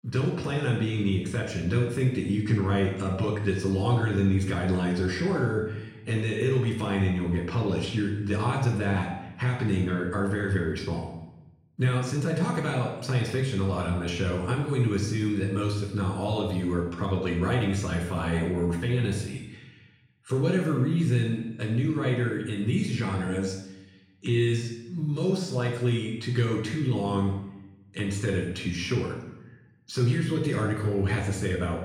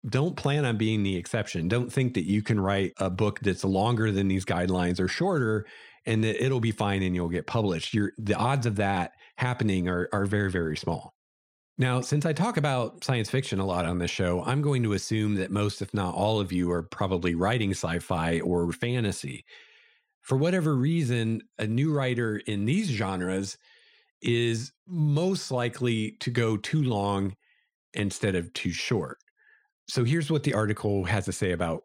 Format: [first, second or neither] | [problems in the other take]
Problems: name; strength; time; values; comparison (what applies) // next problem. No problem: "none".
second | off-mic speech; far // room echo; noticeable; dies away in 0.8 s